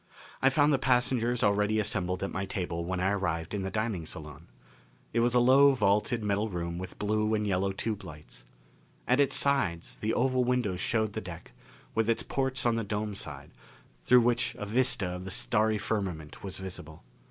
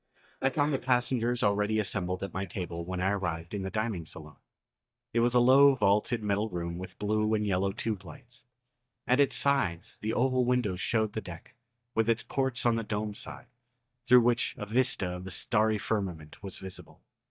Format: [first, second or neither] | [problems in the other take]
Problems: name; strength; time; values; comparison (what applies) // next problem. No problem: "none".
first | noise reduction (neural mask model DeepFilterNet 3)